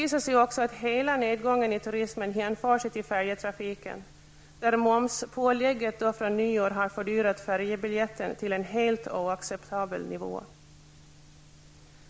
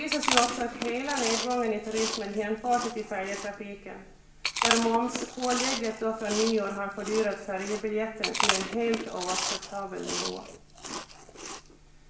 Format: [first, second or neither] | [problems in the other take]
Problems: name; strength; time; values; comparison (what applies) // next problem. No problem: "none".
first | background sound (Chewing, mastication); 3 dB below the speech // room echo; dies away in 0.5 s